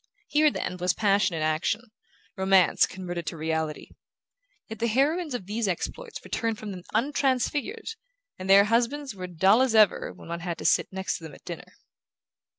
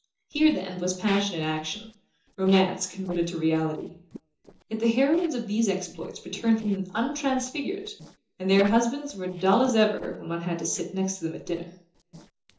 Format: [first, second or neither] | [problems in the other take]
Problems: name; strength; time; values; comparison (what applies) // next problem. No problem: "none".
first | noise reduction (neural separator model SepFormer DNS4)